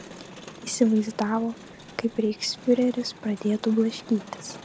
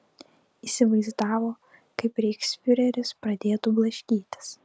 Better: second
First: background sound (Crowd); 18 dB below the speech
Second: none

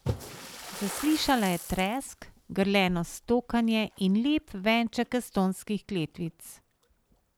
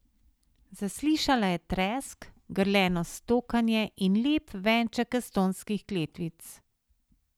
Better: second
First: background sound (Splash, splatter); 14 dB below the speech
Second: none

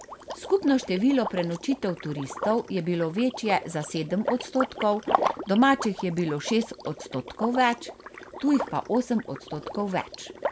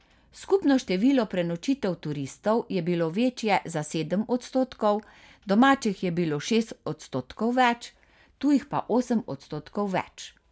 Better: second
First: background sound (Liquid); 8 dB below the speech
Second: none

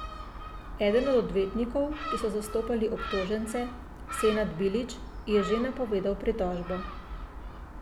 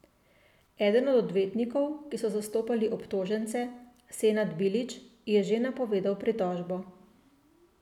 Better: second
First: background sound (Gull, seagull); 9 dB below the speech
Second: none

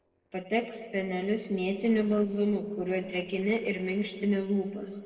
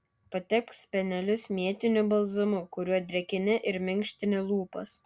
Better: second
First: noise reduction (neural separator model SepFormer DNS4)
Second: none

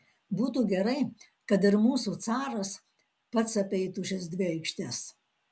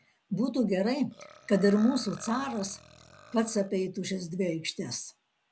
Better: first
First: none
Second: background sound (Burping, eructation); 19 dB below the speech

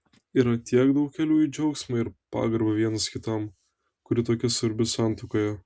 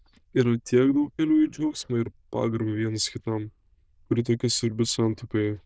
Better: first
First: none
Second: noise reduction (neural diffusion model UNIVERSE++)

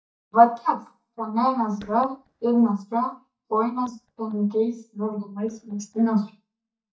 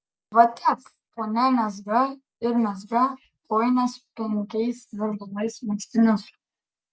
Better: second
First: noise reduction (neural mask model DeepFilterNet 3)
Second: none

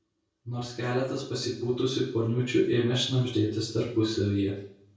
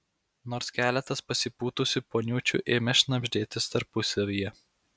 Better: second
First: room echo; dies away in 0.6 s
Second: none

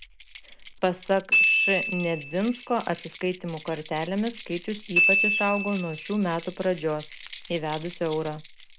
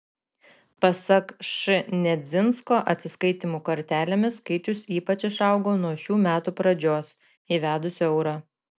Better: second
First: background sound (Glockenspiel + Keys jangling); 1 dB below the speech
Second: none

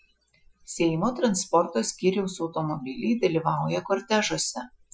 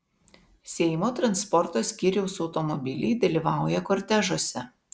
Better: second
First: noise reduction (classical method Wiener filter)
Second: none

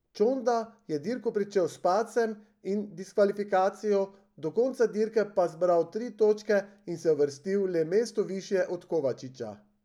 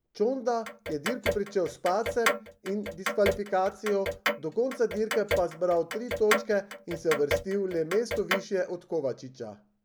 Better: first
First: none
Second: background sound (Clock); 4 dB below the speech

